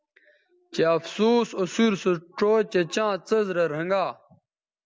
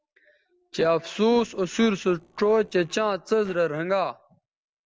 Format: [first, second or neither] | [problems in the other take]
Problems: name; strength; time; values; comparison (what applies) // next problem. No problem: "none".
first | noise reduction (neural separator model SepFormer DNS4)